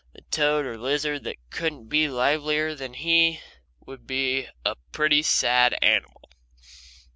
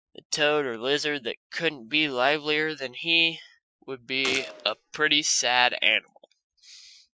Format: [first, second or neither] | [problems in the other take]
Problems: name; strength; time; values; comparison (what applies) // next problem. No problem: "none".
first | noise reduction (classical method Wiener filter)